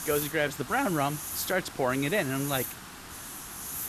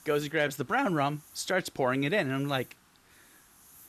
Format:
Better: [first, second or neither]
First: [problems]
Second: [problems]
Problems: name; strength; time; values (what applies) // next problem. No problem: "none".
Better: second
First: hiss; loud; throughout; 7 dB below the speech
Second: hiss; faint; throughout; 25 dB below the speech